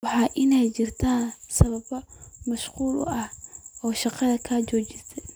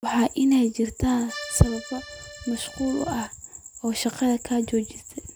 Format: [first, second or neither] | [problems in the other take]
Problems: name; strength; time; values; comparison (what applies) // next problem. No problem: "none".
first | background sound (Accordion); 14 dB below the speech